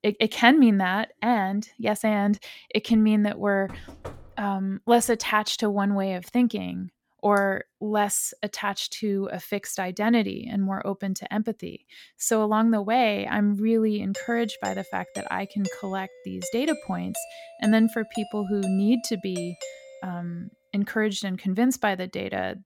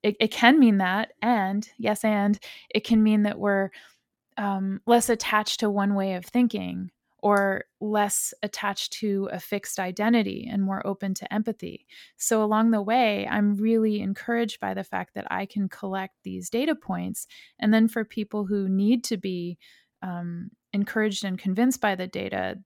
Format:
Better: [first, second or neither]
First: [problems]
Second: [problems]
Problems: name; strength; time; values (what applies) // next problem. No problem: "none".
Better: second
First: door banging; faint; at 3.5 s; peak 15 dB below the speech // doorbell; faint; from 14 to 20 s; peak 10 dB below the speech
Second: none